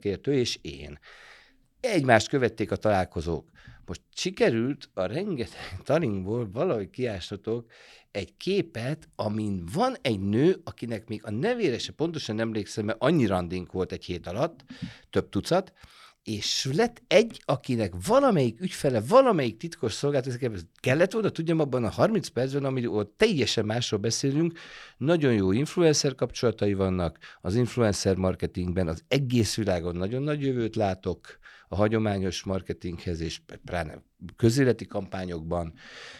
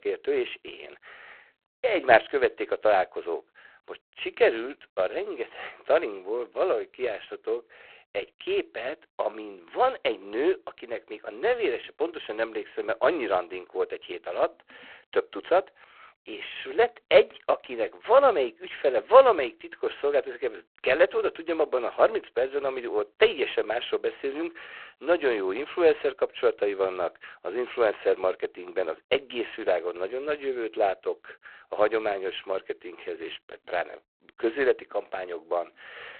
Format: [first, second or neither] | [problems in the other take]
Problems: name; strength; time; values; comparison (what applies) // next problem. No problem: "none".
first | phone-call audio; poor line